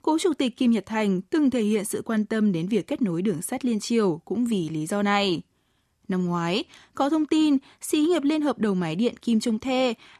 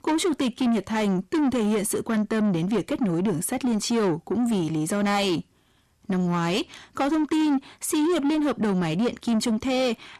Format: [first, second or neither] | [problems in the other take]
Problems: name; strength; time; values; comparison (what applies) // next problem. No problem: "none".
first | distortion; slight; 10 dB below the speech